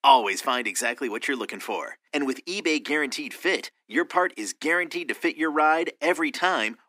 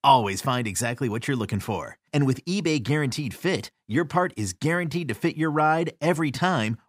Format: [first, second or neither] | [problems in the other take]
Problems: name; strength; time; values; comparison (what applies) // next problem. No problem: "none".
second | thin; somewhat; fading below 250 Hz